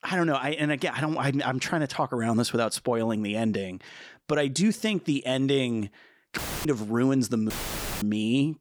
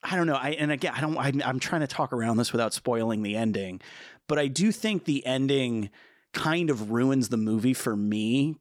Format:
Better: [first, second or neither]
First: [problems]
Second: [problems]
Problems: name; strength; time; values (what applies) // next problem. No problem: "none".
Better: second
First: audio cutting out; filled with static; at 6.5 s and at 7.5 s for 0.5 s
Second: none